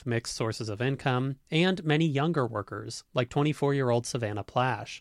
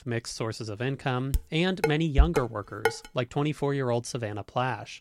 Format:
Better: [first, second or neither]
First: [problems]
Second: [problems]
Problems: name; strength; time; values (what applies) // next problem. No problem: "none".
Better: first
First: none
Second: clattering dishes; loud; from 1.5 to 3 s; peak 3 dB above the speech